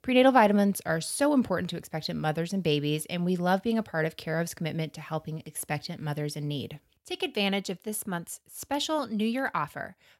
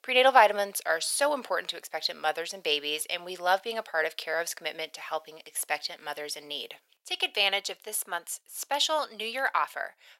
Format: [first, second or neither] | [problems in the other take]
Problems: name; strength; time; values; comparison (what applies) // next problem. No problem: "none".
first | thin; very; fading below 550 Hz